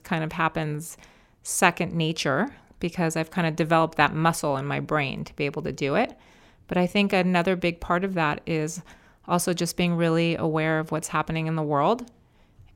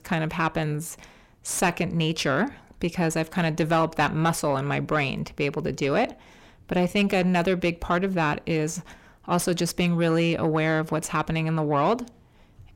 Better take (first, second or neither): first